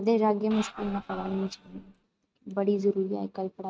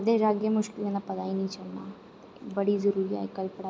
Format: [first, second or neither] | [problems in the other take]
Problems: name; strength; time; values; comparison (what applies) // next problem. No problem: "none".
second | noise reduction (neural mask model RNNoise)